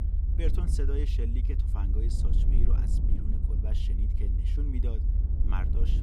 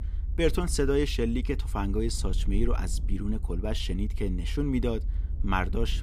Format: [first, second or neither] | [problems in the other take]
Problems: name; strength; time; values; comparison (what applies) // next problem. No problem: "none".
second | low rumble; loud; throughout; 3 dB below the speech; faint in the second